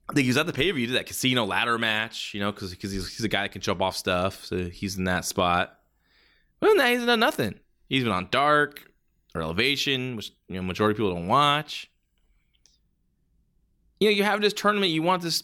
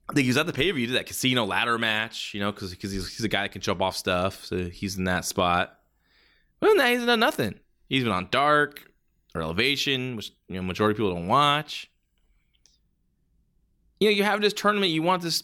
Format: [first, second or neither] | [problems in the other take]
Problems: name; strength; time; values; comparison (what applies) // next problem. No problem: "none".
neither | none